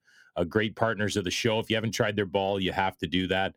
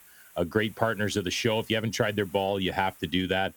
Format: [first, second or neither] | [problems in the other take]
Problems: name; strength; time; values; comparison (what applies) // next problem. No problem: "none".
first | hiss; faint; throughout; 25 dB below the speech